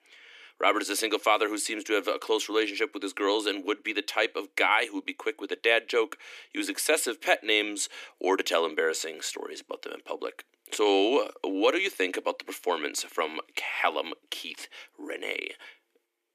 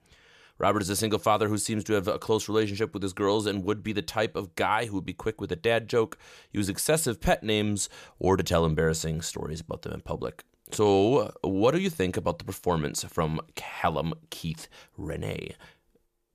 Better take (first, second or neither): second